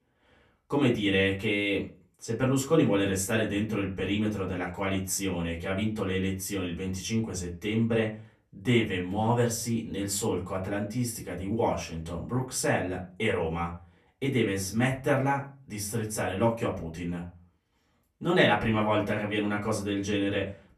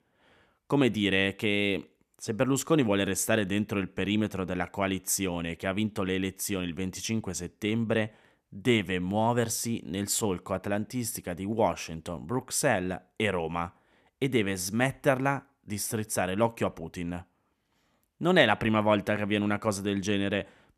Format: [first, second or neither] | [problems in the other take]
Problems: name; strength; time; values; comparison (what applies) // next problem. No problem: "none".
second | off-mic speech; far // room echo; very slight; dies away in 0.3 s